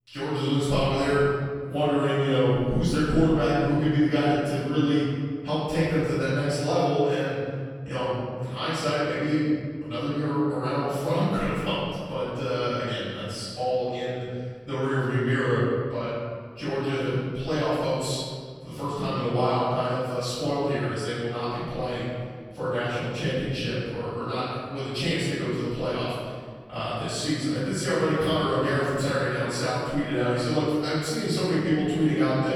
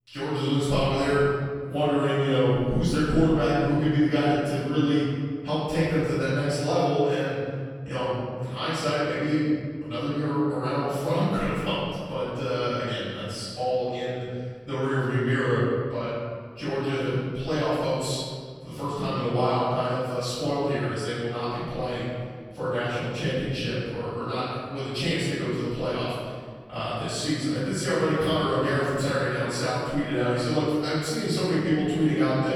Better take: neither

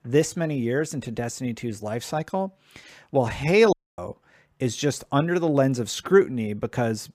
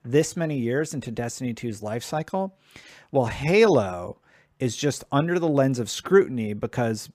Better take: second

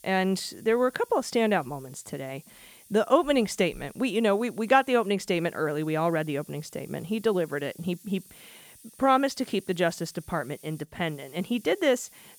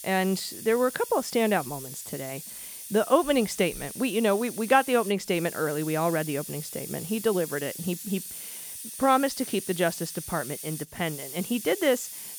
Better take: first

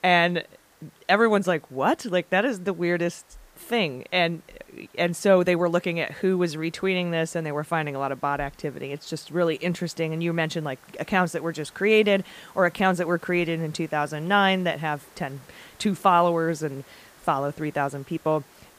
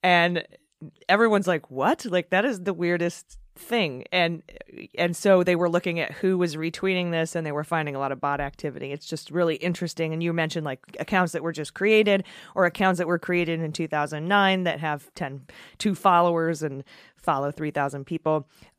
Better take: second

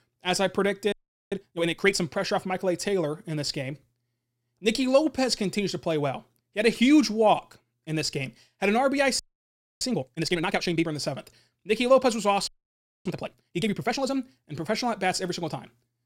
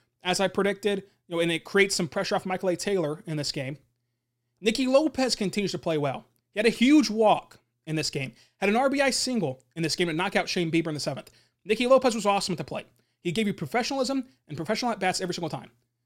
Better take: second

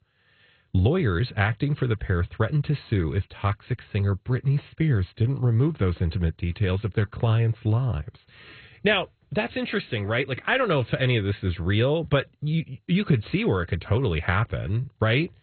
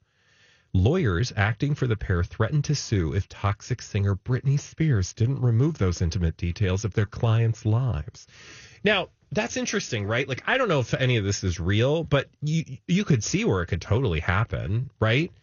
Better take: second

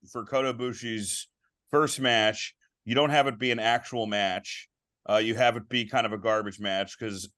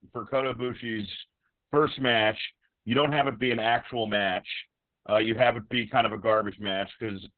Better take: first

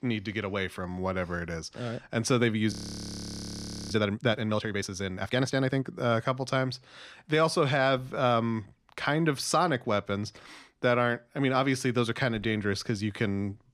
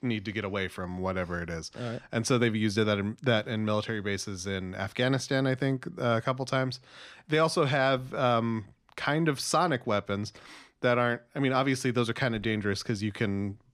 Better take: second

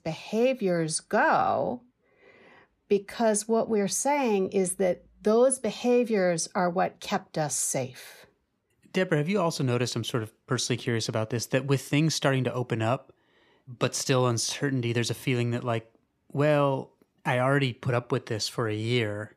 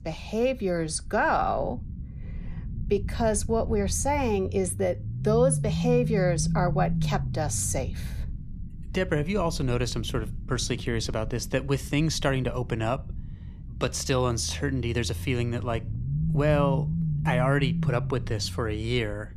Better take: first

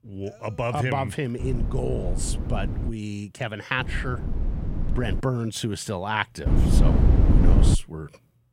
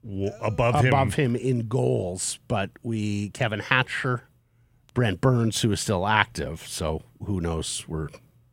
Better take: second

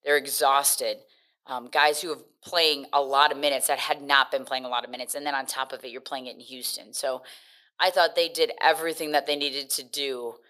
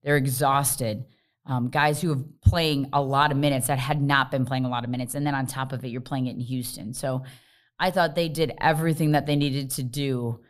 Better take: second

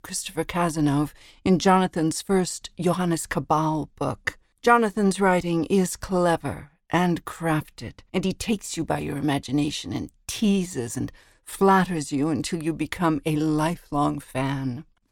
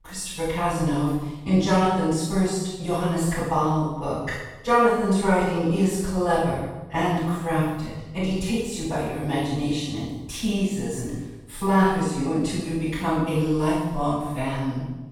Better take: first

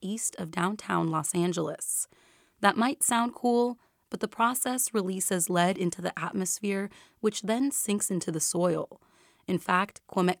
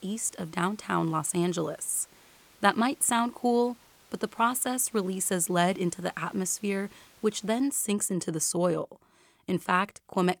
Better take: first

